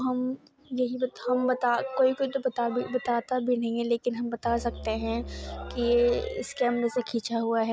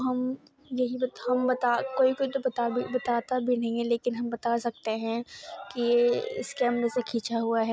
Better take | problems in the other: second | background sound (Musical instrument); 12 dB below the speech

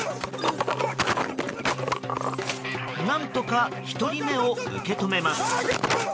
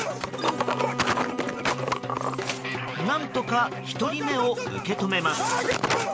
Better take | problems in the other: first | background sound (Bowed string instrument); 14 dB below the speech

